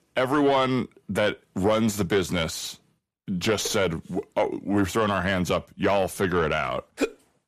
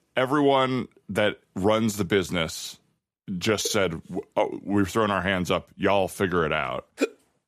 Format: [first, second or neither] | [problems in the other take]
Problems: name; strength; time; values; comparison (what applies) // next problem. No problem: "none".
second | distortion; slight; 10 dB below the speech